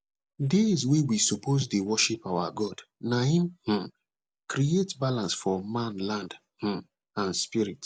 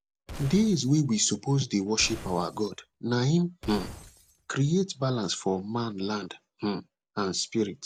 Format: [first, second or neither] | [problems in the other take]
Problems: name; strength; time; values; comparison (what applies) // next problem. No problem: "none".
first | background sound (Glass); 15 dB below the speech